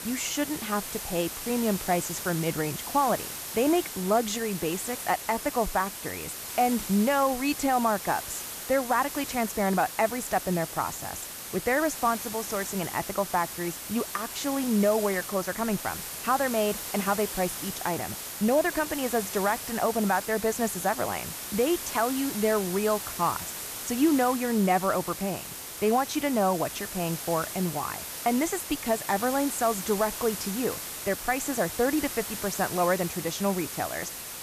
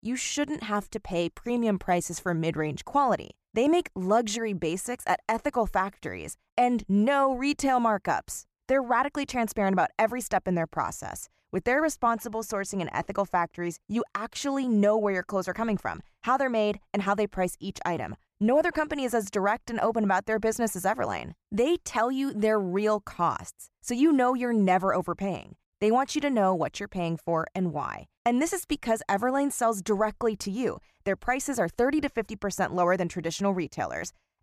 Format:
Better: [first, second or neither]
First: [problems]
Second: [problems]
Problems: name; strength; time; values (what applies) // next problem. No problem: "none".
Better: second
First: hiss; loud; throughout; 7 dB below the speech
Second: none